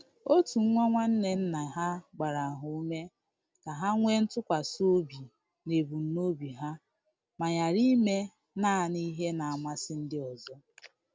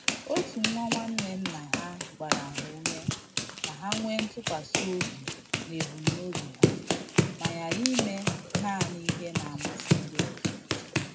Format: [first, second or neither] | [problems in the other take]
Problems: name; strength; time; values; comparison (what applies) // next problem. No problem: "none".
first | background sound (Run); 5 dB above the speech // room echo; dies away in 0.3 s